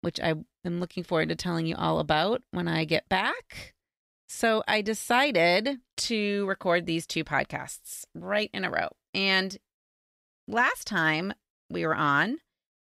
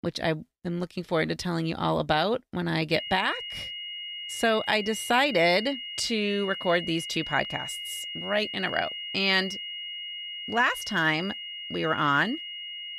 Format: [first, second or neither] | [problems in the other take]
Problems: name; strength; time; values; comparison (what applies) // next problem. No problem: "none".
first | high-pitched whine; loud; from 3 s on; 3 kHz, 8 dB below the speech